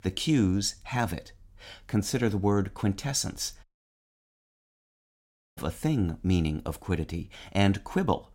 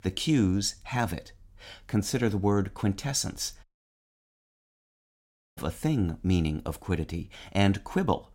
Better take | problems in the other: neither | audio cutting out; at 3.5 s for 2 s; the same in both

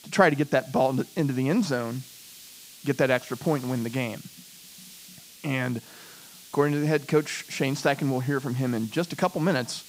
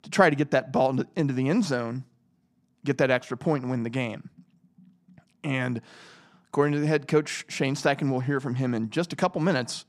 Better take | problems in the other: second | hiss; noticeable; throughout; 20 dB below the speech

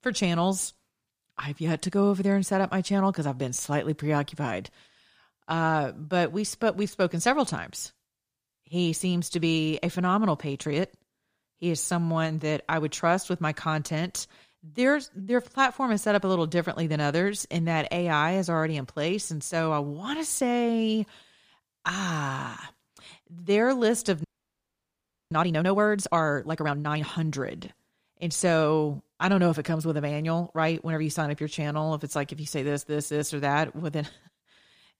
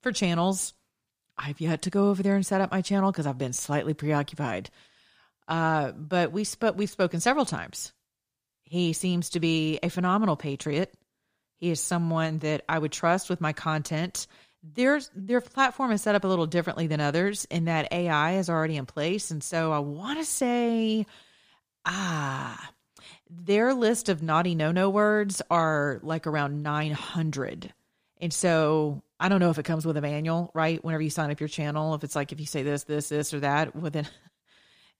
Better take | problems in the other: second | audio freezing; at 24 s for 1 s

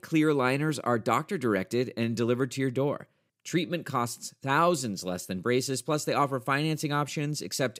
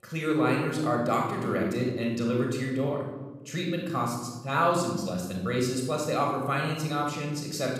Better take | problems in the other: first | off-mic speech; somewhat distant // room echo; noticeable; dies away in 1 s

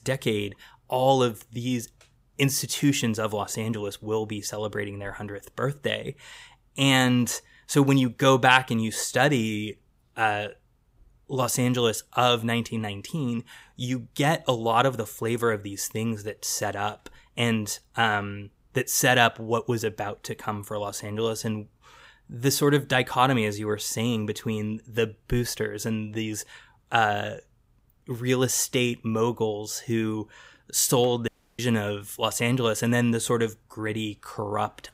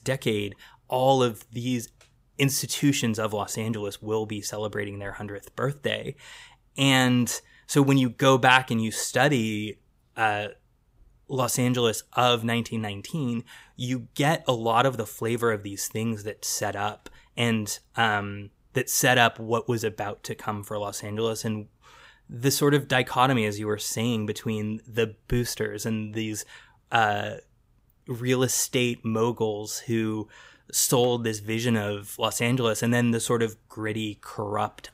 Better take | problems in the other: second | audio cutting out; at 31 s

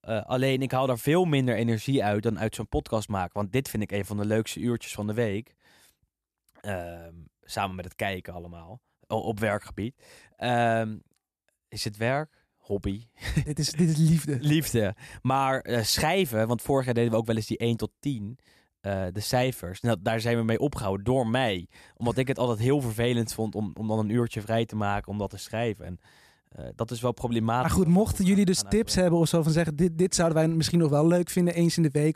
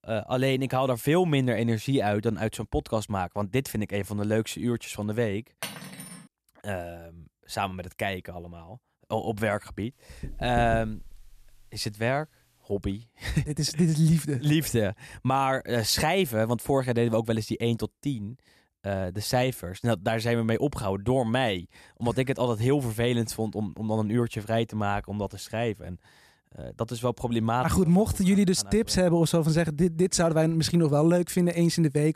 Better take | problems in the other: first | clattering dishes; faint; at 5.5 s; peak 10 dB below the speech // door banging; noticeable; from 10 to 11 s; peak 7 dB below the speech

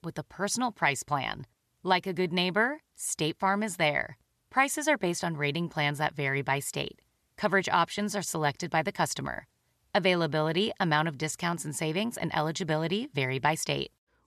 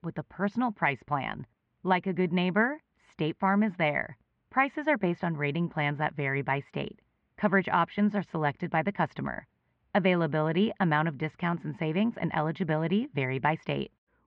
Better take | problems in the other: first | muffled; very; fading above 2.5 kHz

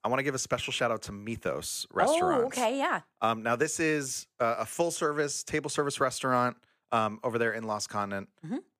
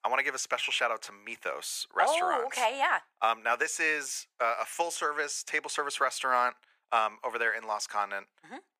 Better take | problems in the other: first | thin; very; fading below 600 Hz

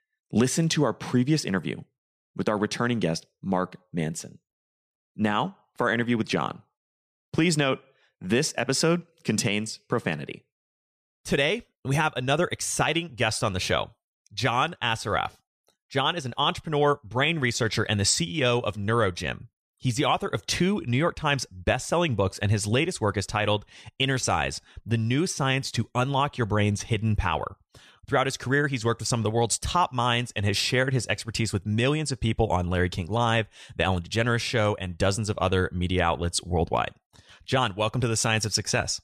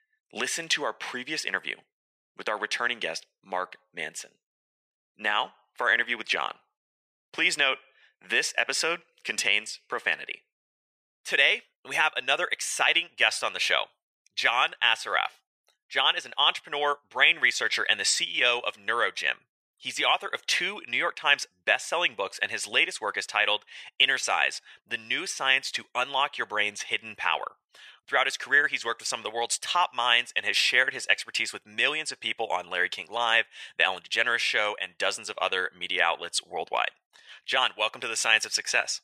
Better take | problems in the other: first | thin; very; fading below 700 Hz

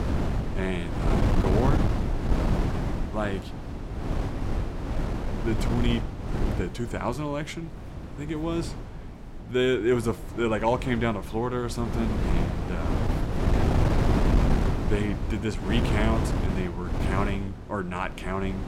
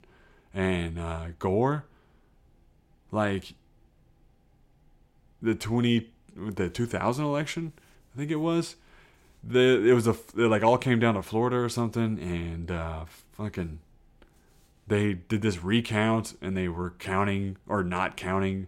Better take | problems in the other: second | wind noise on the microphone; heavy; 3 dB below the speech

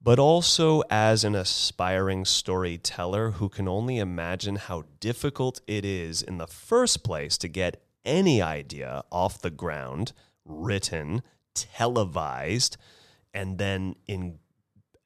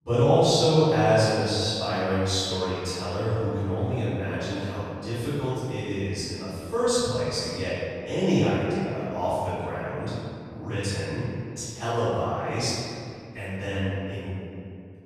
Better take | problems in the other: first | off-mic speech; far // room echo; strong; dies away in 2.3 s

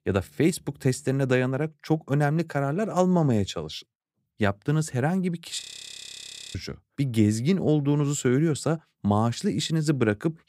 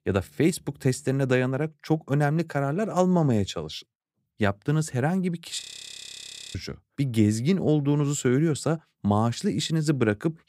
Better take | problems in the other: neither | audio freezing; at 5.5 s for 1 s; the same in both

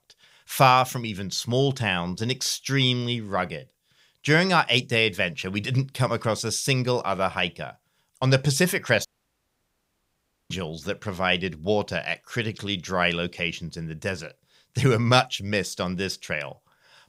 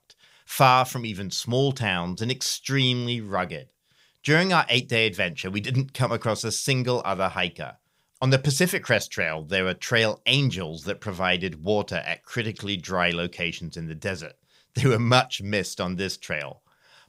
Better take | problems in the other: second | audio cutting out; at 9 s for 1.5 s

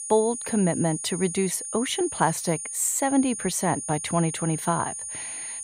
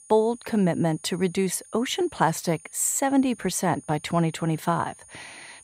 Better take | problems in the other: second | high-pitched whine; loud; throughout; 9 kHz, 6 dB below the speech; faint in the second

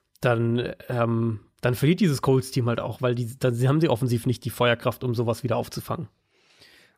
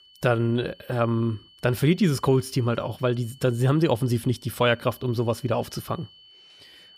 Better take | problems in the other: first | high-pitched whine; faint; throughout; 3 kHz, 25 dB below the speech

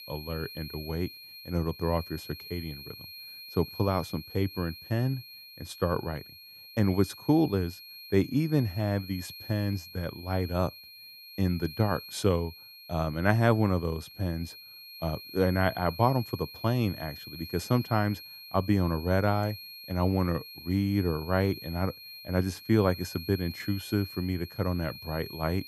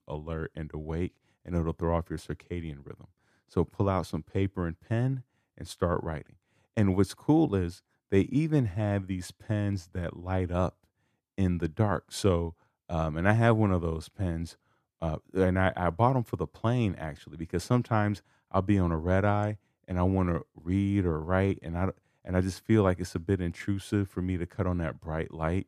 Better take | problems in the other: second | high-pitched whine; noticeable; throughout; 4 kHz, 15 dB below the speech

